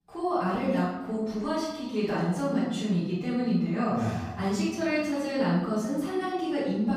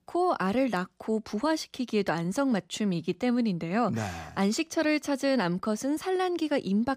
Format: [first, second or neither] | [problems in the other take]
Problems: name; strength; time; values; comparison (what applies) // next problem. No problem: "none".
second | off-mic speech; far // room echo; strong; dies away in 1.2 s